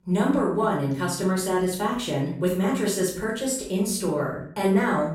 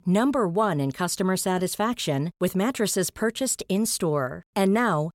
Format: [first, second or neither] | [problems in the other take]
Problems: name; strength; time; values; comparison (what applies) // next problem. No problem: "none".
second | off-mic speech; far // room echo; noticeable; dies away in 0.5 s